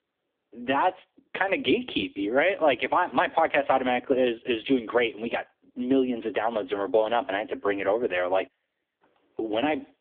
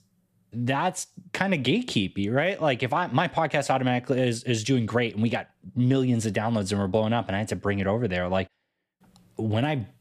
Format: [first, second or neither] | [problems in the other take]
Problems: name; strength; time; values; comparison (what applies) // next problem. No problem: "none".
second | phone-call audio; poor line; nothing above 3.5 kHz